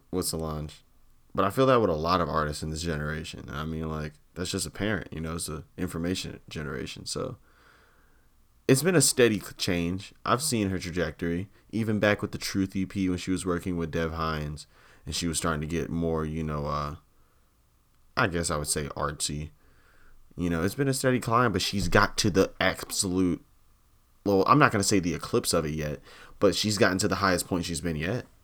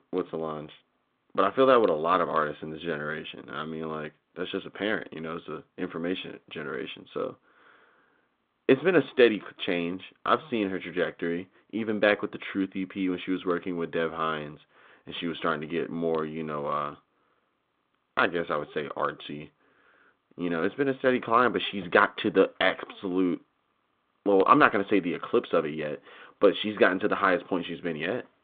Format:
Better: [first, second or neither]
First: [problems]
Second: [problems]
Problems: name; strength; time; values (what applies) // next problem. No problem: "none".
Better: first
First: none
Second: phone-call audio